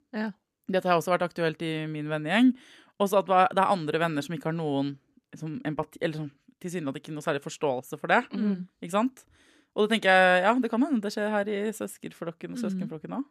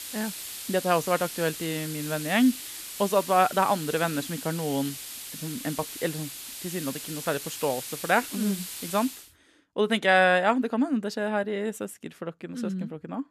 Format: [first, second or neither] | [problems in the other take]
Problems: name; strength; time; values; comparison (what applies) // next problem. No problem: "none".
first | hiss; loud; until 9 s; 9 dB below the speech